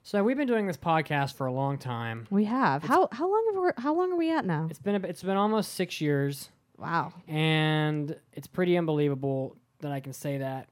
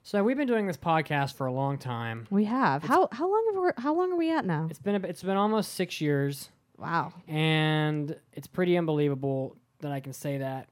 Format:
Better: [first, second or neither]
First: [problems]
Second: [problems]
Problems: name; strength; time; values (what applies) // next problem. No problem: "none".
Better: neither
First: none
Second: none